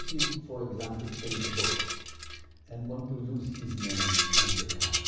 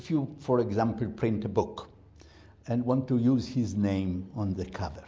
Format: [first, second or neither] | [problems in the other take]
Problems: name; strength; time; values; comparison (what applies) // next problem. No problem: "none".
second | background sound (Rattle); 5 dB above the speech // room echo; dies away in 1.1 s